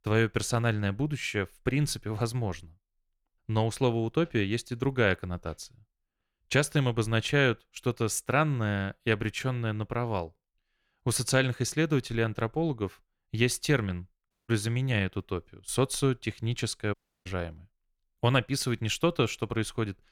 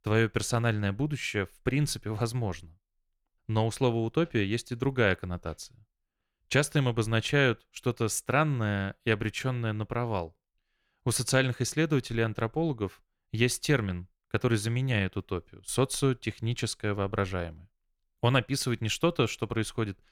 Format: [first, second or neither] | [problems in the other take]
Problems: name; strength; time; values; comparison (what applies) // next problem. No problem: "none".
second | audio cutting out; at 14 s and at 17 s